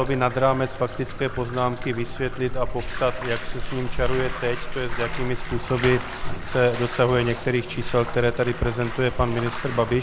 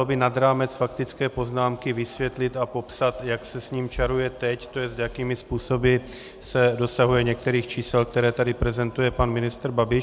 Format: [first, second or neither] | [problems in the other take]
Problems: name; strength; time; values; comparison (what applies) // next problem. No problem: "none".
second | background sound (Bathtub (filling or washing)); 4 dB below the speech